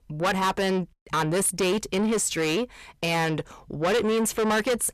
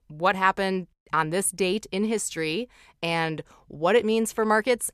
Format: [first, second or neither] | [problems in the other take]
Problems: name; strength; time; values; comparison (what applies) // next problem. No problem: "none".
second | distortion; heavy; 6 dB below the speech